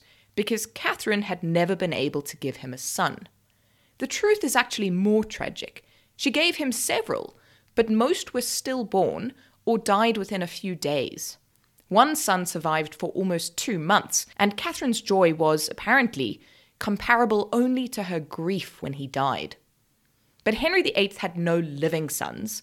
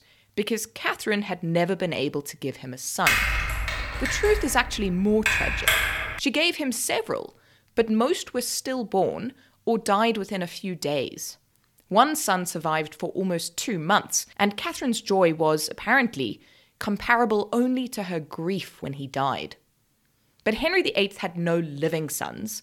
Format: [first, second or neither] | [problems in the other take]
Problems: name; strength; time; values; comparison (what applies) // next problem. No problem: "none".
first | keyboard typing; loud; from 3 to 6 s; peak 5 dB above the speech